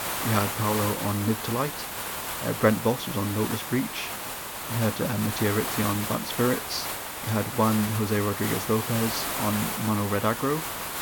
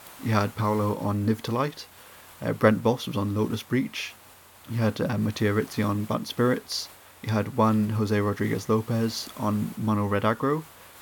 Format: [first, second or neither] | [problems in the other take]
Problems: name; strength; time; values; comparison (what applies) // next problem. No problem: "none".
second | hiss; loud; throughout; 3 dB below the speech; faint in the second